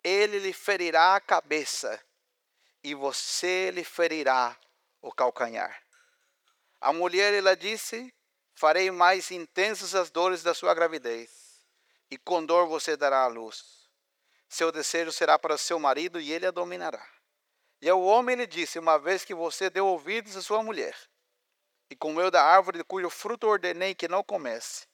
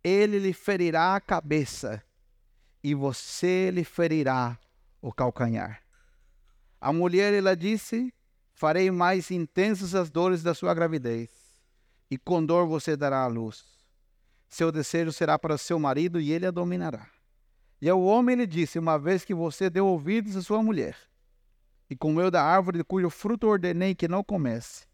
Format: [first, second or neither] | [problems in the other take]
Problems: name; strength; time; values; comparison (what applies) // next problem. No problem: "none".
second | thin; very; fading below 500 Hz